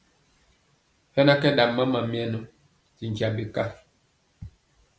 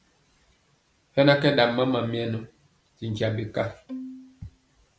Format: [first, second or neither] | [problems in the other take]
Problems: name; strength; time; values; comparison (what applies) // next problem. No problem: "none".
first | background sound (Bowed string instrument); 14 dB below the speech